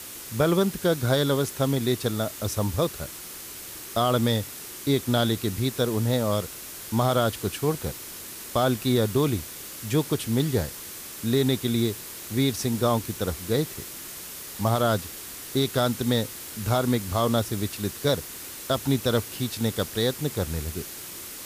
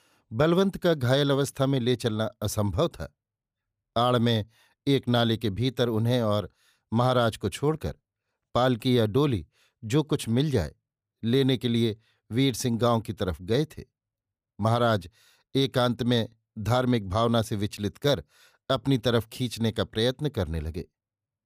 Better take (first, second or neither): second